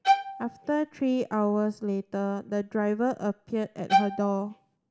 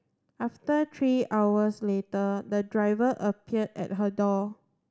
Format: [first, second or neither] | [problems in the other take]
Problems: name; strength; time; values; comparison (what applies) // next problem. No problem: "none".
second | background sound (Bowed string instrument); 1 dB above the speech